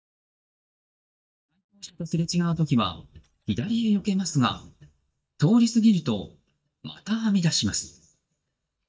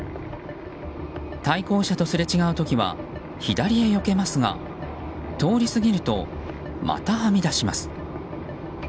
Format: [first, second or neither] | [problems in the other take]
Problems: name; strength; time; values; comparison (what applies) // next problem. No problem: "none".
second | noise reduction (neural mask model DeepFilterNet 3)